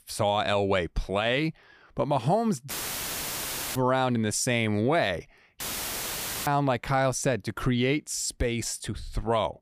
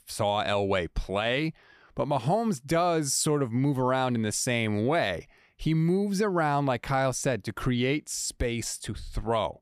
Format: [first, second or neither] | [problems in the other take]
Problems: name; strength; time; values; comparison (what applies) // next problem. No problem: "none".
second | audio cutting out; filled with static; at 2.5 s for 1 s and at 5.5 s for 1 s